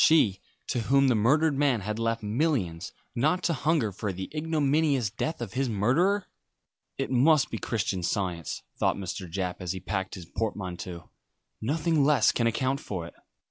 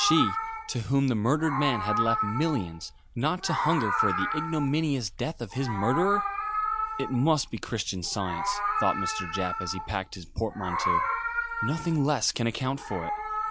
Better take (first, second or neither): first